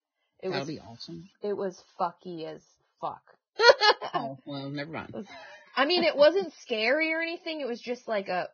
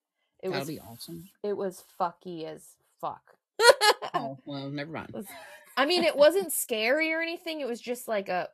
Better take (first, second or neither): second